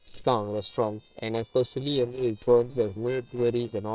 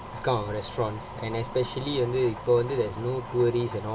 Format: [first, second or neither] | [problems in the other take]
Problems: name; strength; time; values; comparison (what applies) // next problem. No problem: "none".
second | noise reduction (neural separator model SepFormer WHAM!)